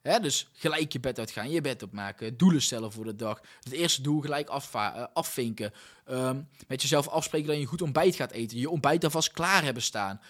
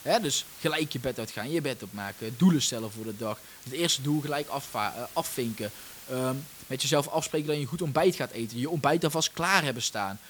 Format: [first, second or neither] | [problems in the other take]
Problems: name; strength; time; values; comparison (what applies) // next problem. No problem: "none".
first | hiss; noticeable; throughout; 15 dB below the speech